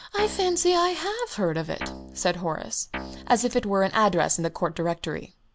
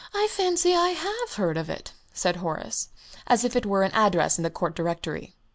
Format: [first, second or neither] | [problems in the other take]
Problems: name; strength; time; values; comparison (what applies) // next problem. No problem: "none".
second | background sound (Guitar); 14 dB below the speech